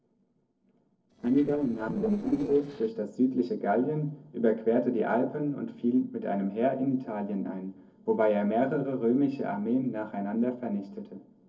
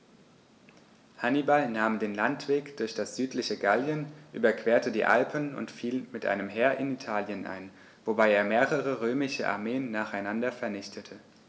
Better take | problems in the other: second | noise reduction (neural separator model SepFormer DNS4)

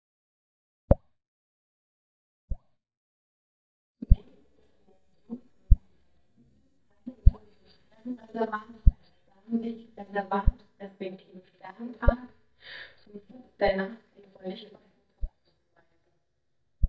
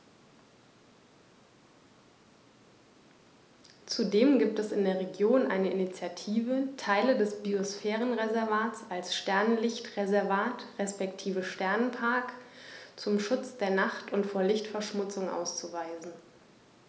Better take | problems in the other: second | noise reduction (neural mask model DeepFilterNet 3)

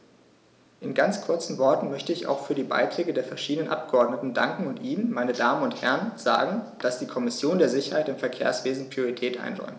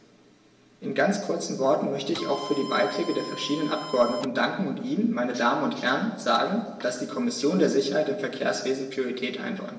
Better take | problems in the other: first | background sound (Printer); 12 dB below the speech // room echo; dies away in 1.1 s

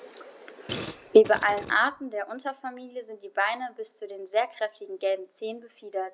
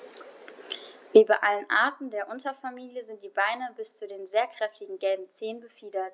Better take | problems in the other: second | background sound (Fart); 12 dB below the speech

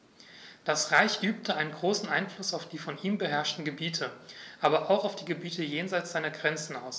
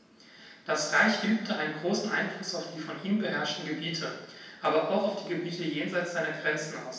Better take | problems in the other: first | room echo; dies away in 0.9 s

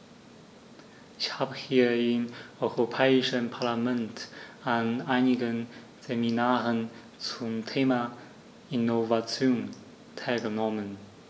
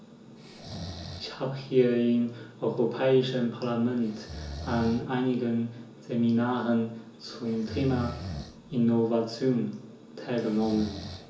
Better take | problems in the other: first | background sound (Breathing); 15 dB below the speech // room echo; dies away in 0.7 s

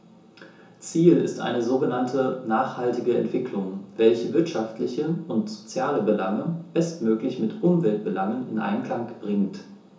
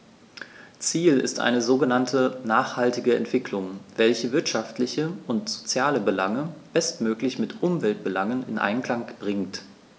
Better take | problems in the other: second | room echo; dies away in 0.7 s

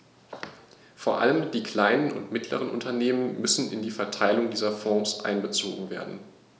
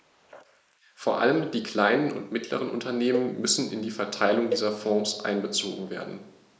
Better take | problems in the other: first | noise reduction (neural mask model Resemble Enhance denoiser)

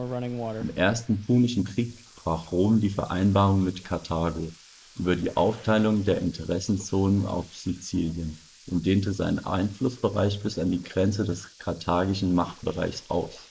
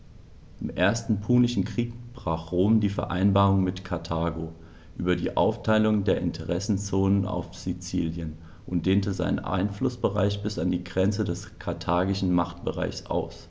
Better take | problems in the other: second | noise reduction (neural mask model Resemble Enhance denoiser)

